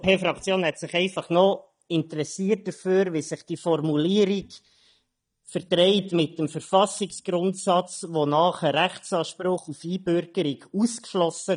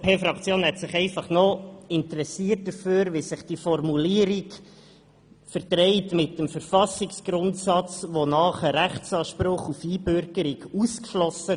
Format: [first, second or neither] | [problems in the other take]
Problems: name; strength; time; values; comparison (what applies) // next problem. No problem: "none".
second | noise reduction (neural mask model DeepFilterNet 3)